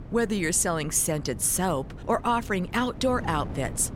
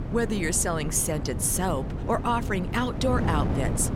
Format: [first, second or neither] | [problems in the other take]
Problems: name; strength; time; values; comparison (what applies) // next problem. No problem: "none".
first | wind noise on the microphone; heavy; 10 dB below the speech; occasional gusts in the first